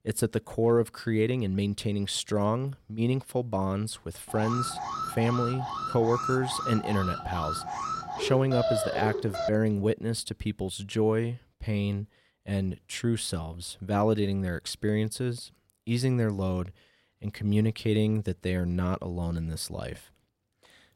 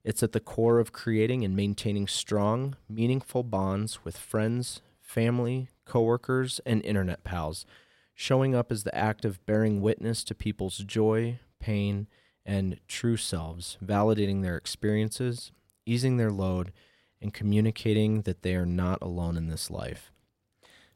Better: second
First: alarm; loud; from 4.5 to 9.5 s; peak 1 dB above the speech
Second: none

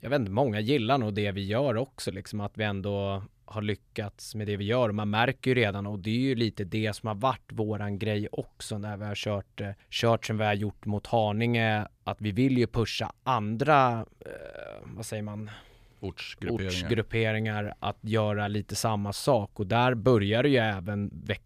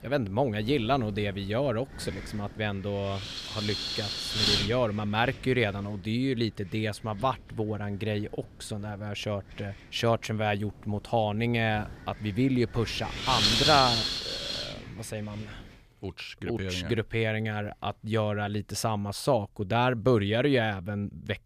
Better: first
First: none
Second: wind noise on the microphone; heavy; until 16 s; 3 dB above the speech

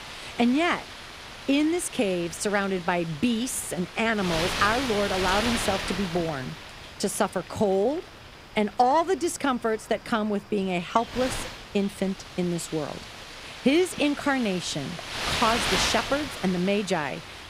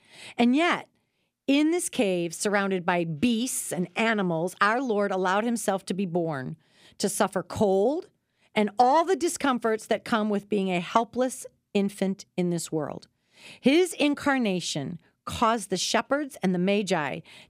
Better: second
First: wind noise on the microphone; heavy; 5 dB below the speech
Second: none

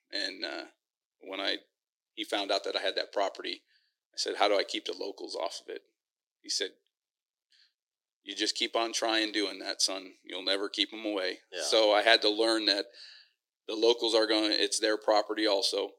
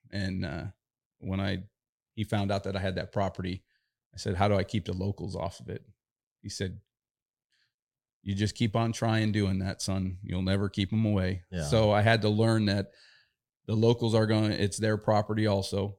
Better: second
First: thin; very; fading below 300 Hz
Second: none

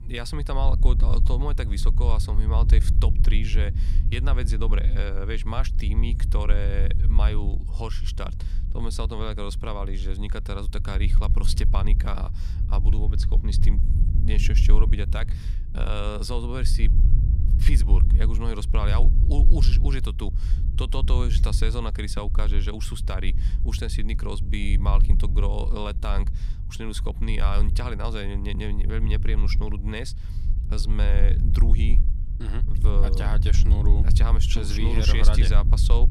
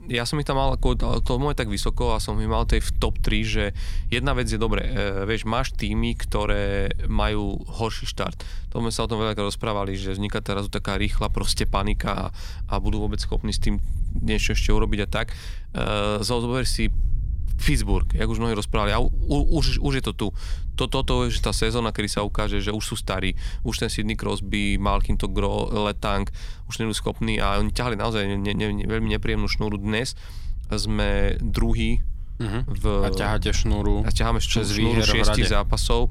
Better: second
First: low rumble; loud; throughout; 9 dB below the speech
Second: low rumble; faint; throughout; 25 dB below the speech

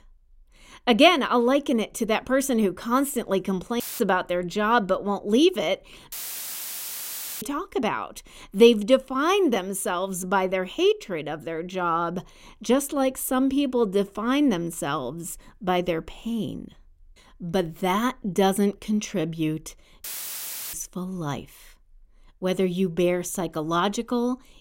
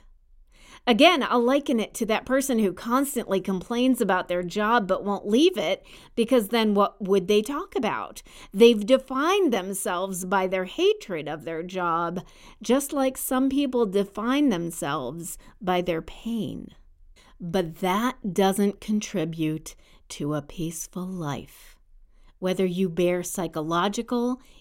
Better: second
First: audio cutting out; filled with static; at 4 s, at 6 s for 1.5 s and at 20 s for 0.5 s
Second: none

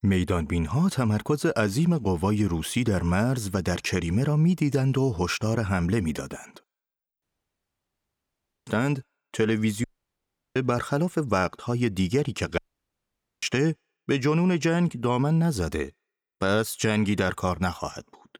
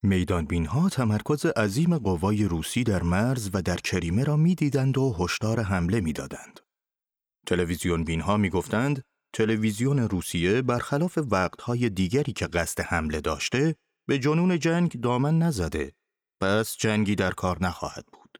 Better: second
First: audio cutting out; at 7 s for 1.5 s, at 10 s for 0.5 s and at 13 s for 1 s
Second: none

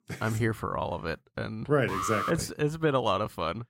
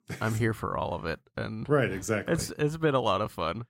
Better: second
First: alarm; noticeable; at 2 s; peak 1 dB below the speech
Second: none

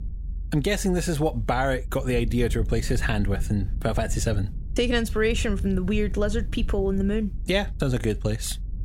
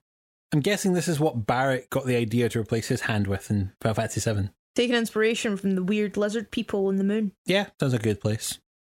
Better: second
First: low rumble; faint; throughout; 20 dB below the speech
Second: none

